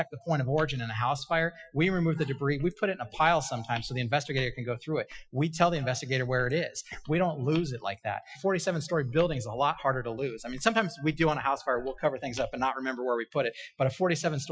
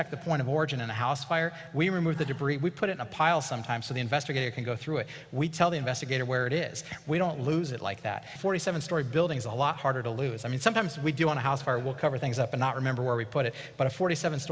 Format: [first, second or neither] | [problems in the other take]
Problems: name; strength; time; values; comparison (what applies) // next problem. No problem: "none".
second | noise reduction (classical method Wiener filter)